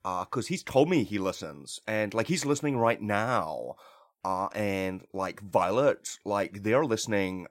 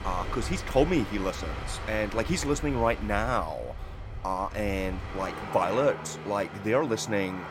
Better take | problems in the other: first | train or aircraft noise; loud; throughout; 9 dB below the speech

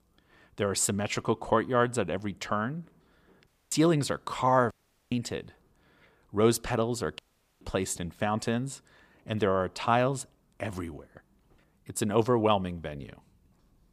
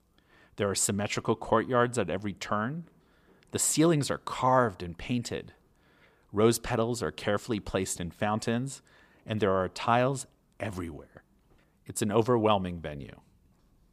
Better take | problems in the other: second | audio cutting out; at 3.5 s, at 4.5 s and at 7 s

